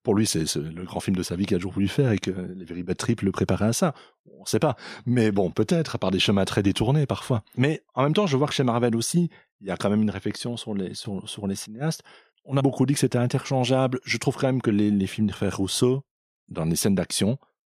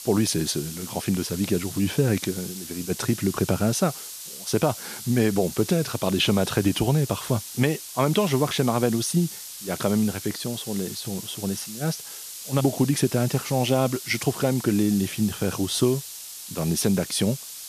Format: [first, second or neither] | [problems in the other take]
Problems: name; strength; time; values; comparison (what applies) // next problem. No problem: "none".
first | hiss; noticeable; throughout; 10 dB below the speech